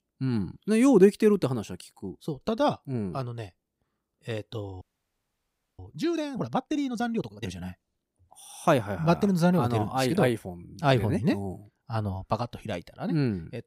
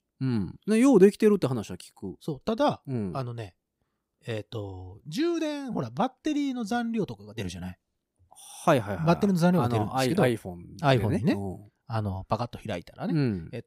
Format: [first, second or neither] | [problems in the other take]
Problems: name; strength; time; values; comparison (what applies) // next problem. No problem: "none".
second | audio freezing; at 5 s for 1 s